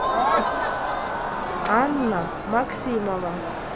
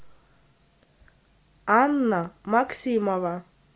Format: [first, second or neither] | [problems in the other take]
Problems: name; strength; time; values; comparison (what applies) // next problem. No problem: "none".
second | background sound (Crowd); 1 dB above the speech